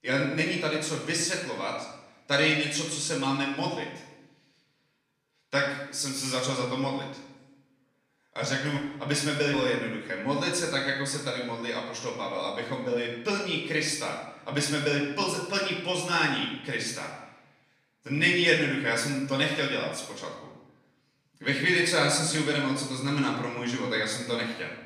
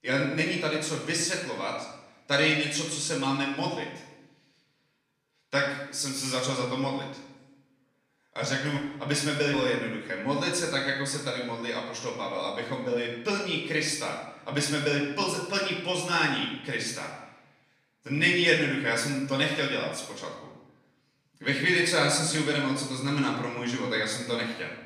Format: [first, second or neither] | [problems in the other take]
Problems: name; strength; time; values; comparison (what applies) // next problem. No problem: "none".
neither | off-mic speech; far; the same in both // room echo; noticeable; dies away in 0.8 s; the same in both